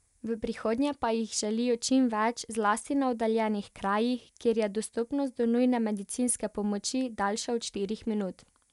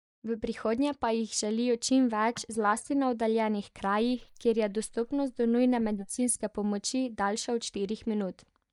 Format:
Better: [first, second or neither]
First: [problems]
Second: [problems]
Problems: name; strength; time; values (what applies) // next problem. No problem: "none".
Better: first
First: none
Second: noise reduction (neural mask model DeepFilterNet 3)